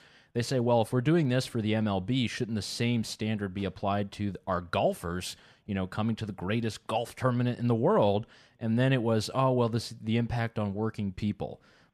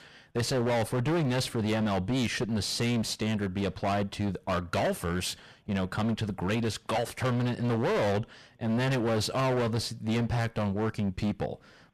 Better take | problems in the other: first | distortion; heavy; 23% of the sound clipped

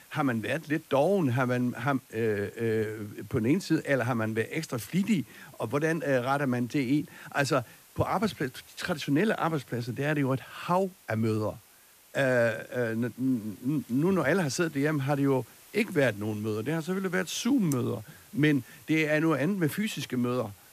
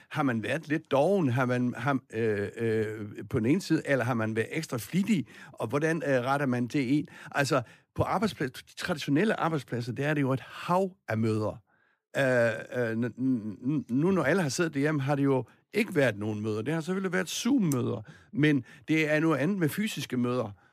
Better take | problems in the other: second | hiss; faint; throughout; 25 dB below the speech

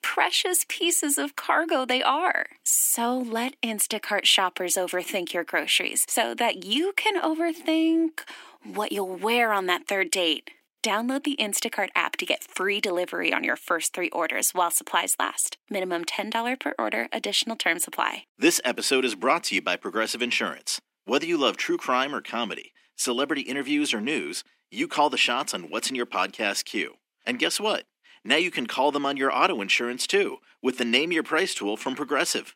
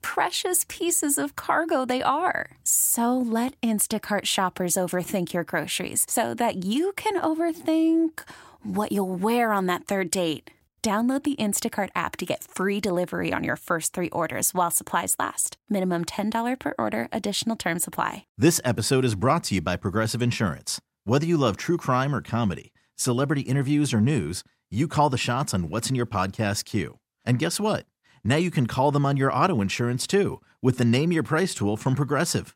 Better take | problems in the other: second | thin; somewhat; fading below 250 Hz

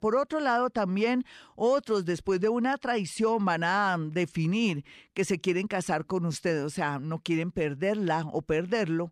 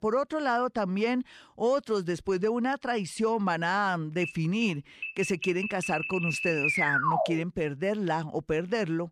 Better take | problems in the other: first | alarm; loud; from 4 to 7.5 s; peak 5 dB above the speech

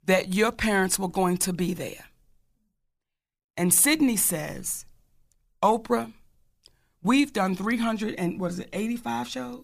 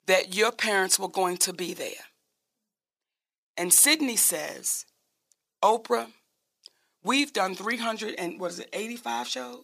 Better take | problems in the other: first | thin; somewhat; fading below 400 Hz

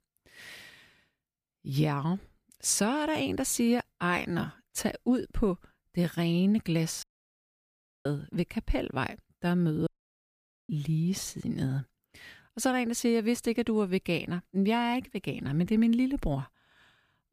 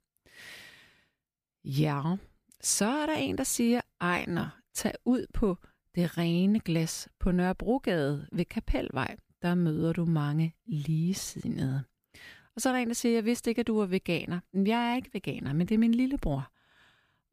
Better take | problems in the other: second | audio cutting out; at 7 s for 1 s and at 10 s for 1 s

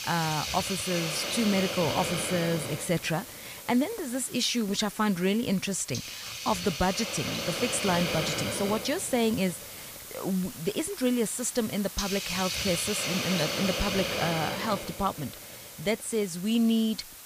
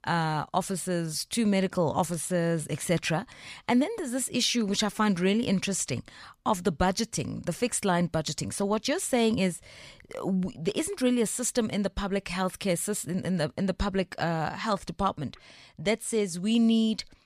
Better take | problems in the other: second | hiss; loud; throughout; 4 dB below the speech

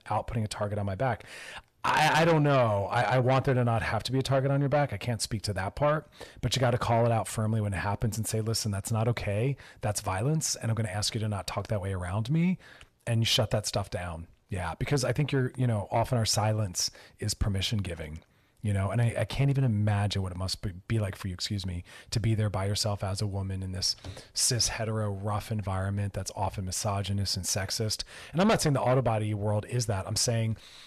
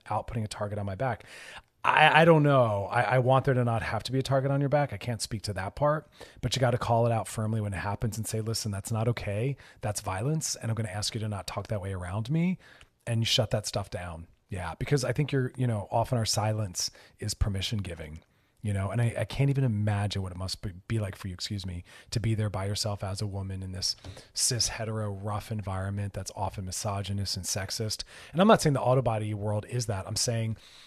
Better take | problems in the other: second | distortion; slight; 10 dB below the speech

